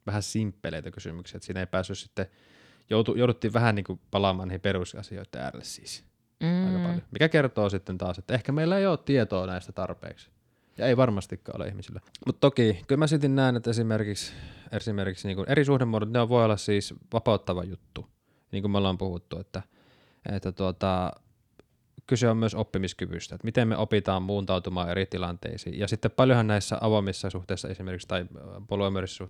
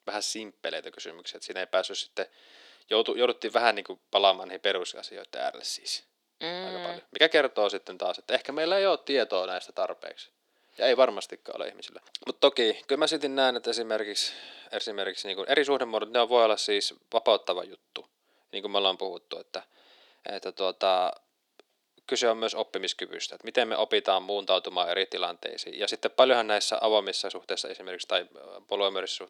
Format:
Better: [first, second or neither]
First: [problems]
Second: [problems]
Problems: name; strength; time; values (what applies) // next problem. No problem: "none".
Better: first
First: none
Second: thin; very; fading below 350 Hz